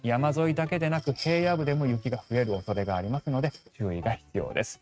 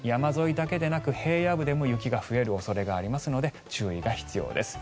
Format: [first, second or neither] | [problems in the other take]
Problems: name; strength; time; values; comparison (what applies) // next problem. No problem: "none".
second | noise reduction (neural mask model RNNoise)